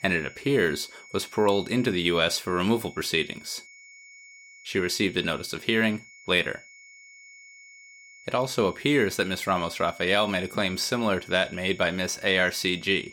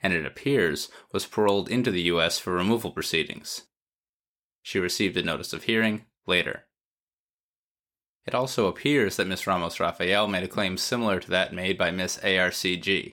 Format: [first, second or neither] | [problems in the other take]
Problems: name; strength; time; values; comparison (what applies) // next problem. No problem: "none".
second | high-pitched whine; faint; throughout; 2 kHz, 20 dB below the speech